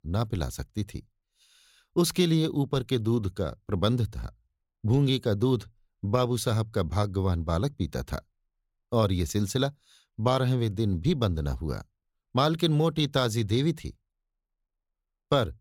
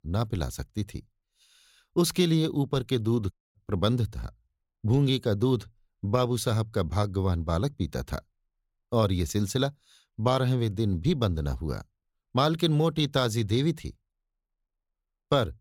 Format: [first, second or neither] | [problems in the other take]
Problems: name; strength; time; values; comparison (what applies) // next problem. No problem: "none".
first | audio cutting out; at 3.5 s